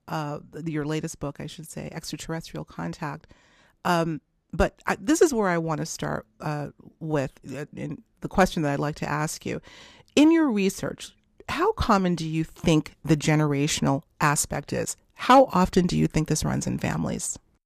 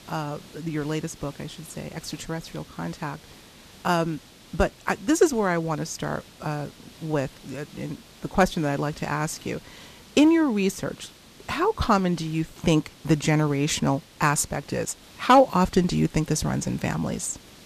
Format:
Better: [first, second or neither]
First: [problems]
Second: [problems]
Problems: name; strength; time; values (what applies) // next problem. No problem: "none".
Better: first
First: none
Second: hiss; faint; throughout; 20 dB below the speech